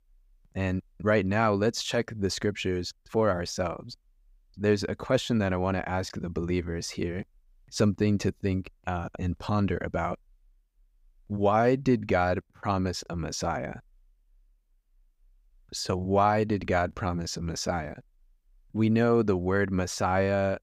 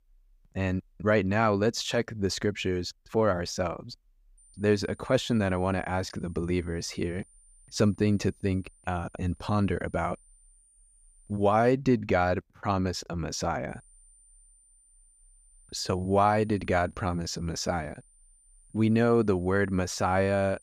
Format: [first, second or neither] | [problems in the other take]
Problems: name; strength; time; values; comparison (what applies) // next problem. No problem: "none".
first | high-pitched whine; faint; from 4.5 to 12 s and from 14 s on; 9 kHz, 30 dB below the speech